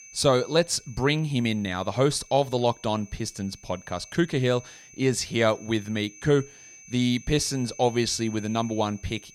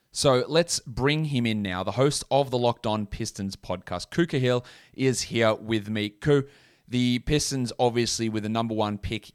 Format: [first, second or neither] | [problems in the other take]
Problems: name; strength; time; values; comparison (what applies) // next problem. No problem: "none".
second | high-pitched whine; faint; throughout; 6 kHz, 20 dB below the speech